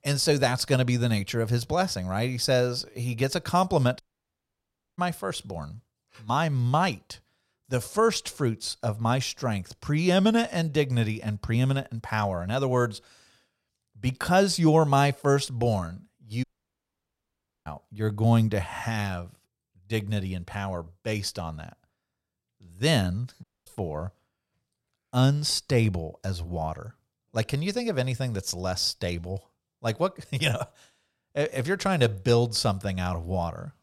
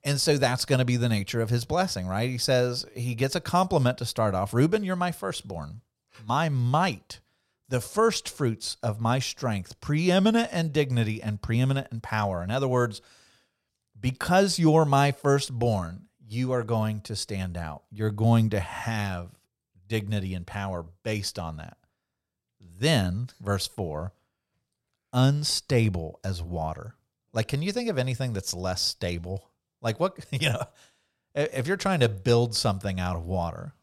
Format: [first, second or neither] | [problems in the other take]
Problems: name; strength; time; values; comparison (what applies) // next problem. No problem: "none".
second | audio cutting out; at 4 s for 1 s, at 16 s for 1 s and at 23 s